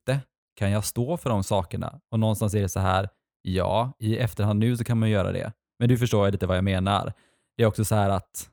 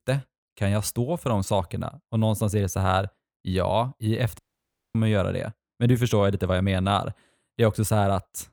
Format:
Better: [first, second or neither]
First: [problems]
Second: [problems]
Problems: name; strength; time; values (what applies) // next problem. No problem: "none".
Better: first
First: none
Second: audio cutting out; at 4.5 s for 0.5 s